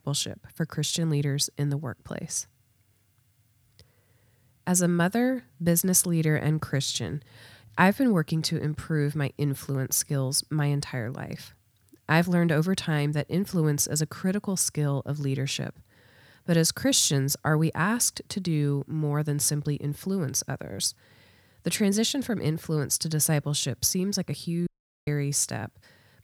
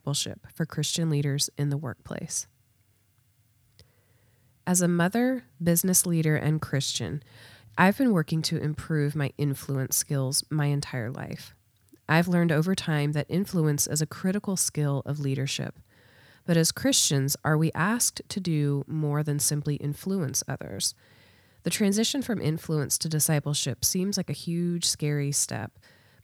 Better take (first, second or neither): second